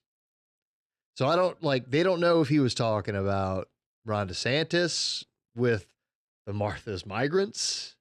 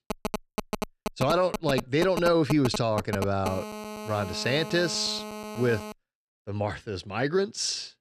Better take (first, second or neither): first